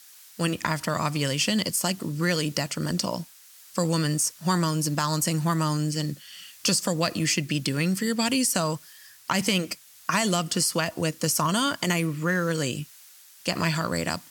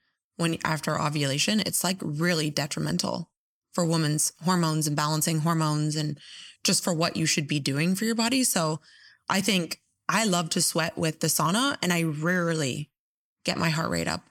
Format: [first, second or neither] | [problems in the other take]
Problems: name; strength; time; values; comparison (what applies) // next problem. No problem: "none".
second | hiss; faint; throughout; 20 dB below the speech